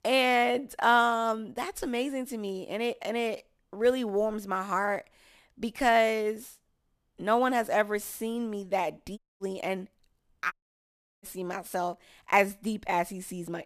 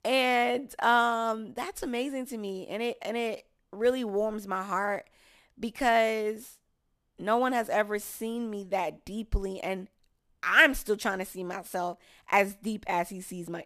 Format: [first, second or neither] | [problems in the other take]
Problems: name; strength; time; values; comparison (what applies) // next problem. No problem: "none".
second | audio cutting out; at 9 s and at 11 s for 0.5 s